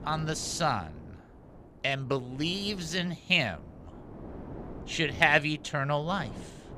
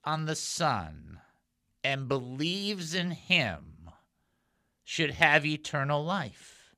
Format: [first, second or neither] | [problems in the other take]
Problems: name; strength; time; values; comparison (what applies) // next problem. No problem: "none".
second | wind noise on the microphone; occasional gusts; 20 dB below the speech